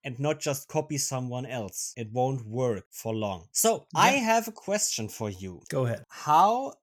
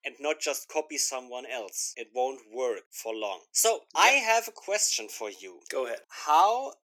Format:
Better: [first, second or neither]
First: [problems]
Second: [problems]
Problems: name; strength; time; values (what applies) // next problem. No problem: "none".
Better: first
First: none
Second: thin; very; fading below 350 Hz